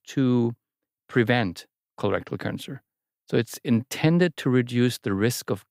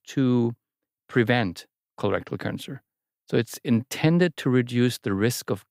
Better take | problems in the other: neither | none

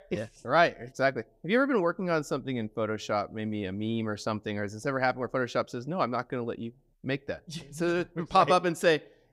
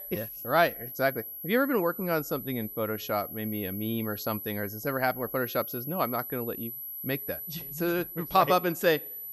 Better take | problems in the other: first | high-pitched whine; loud; throughout; 12 kHz, 8 dB below the speech

